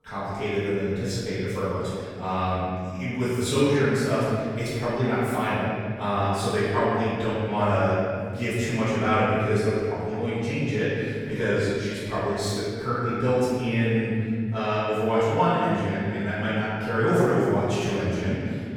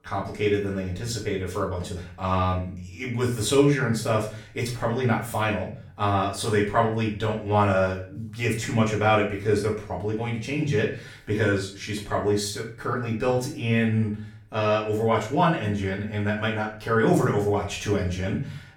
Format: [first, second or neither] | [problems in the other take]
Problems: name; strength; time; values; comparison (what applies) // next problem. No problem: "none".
second | room echo; strong; dies away in 2.3 s; slight in the second // off-mic speech; far; far in the second